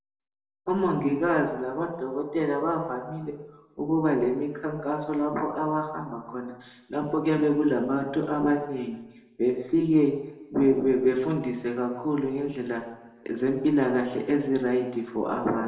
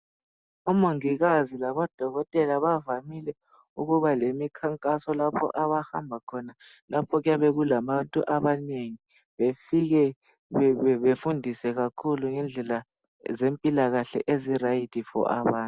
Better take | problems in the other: second | room echo; dies away in 0.8 s

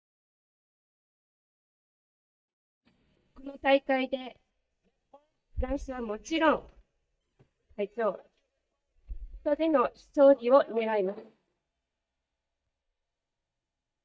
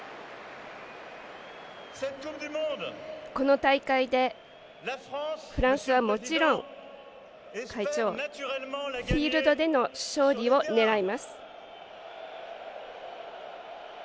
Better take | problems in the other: second | noise reduction (neural mask model DeepFilterNet 3)

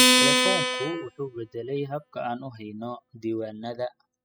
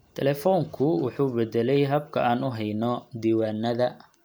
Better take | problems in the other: second | noise reduction (classical method spectral subtraction)

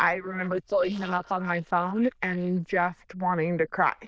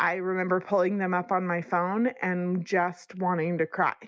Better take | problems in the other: second | noise reduction (neural diffusion model UNIVERSE++)

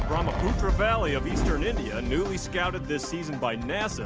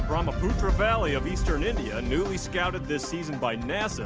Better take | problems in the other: second | background sound (Fireworks); 13 dB below the speech

